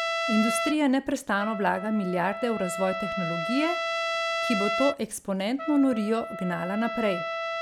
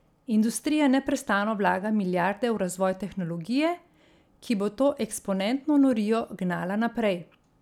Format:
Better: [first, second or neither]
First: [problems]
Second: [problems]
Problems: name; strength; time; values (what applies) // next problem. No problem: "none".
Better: second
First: background sound (Trumpet); 4 dB below the speech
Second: none